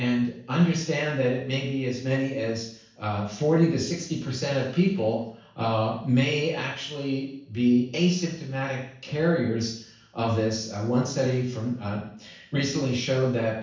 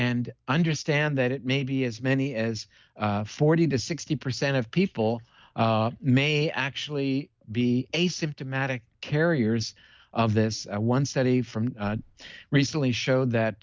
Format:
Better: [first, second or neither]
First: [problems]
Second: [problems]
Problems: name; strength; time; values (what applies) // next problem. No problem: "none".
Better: second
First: room echo; dies away in 0.7 s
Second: none